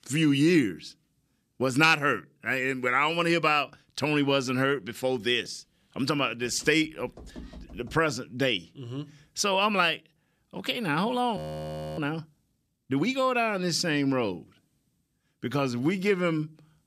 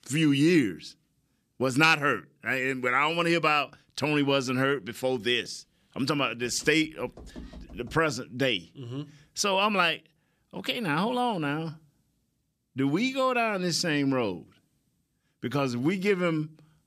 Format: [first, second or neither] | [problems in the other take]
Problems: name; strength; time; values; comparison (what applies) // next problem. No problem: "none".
second | audio freezing; at 11 s for 0.5 s